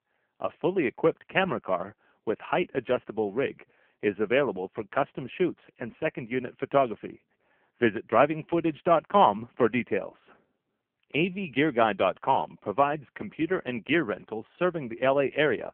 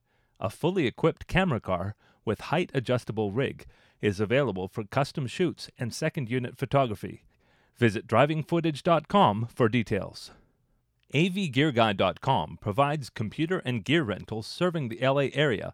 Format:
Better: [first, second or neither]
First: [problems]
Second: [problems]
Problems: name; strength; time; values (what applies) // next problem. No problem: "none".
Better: second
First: phone-call audio; poor line; nothing above 3 kHz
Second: none